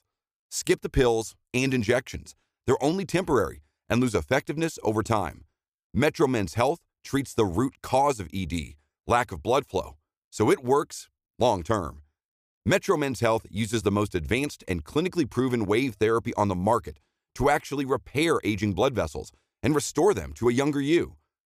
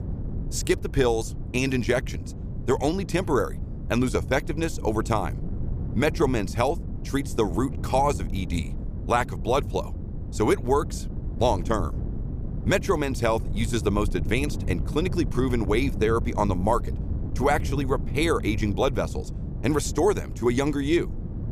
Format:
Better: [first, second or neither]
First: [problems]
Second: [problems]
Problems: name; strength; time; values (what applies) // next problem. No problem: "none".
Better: first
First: none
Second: wind noise on the microphone; occasional gusts; 15 dB below the speech